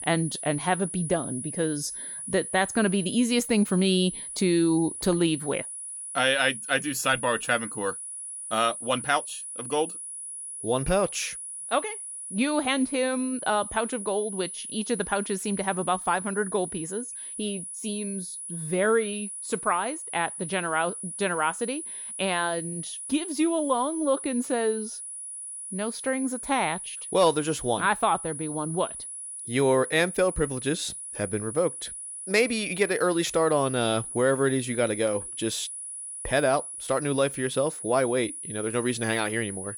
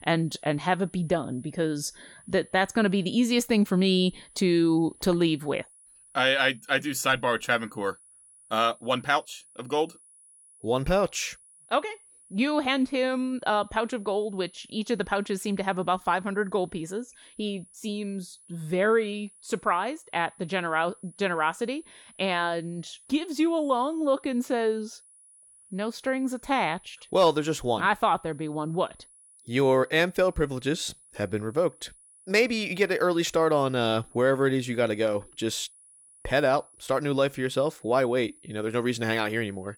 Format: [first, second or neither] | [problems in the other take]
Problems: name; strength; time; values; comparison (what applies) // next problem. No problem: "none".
second | high-pitched whine; loud; throughout; 10.5 kHz, 8 dB below the speech; faint in the second